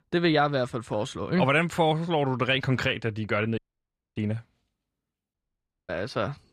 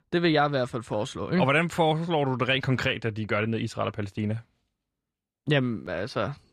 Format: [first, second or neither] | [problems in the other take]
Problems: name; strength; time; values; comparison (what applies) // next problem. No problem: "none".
second | audio cutting out; at 3.5 s for 0.5 s and at 5.5 s for 0.5 s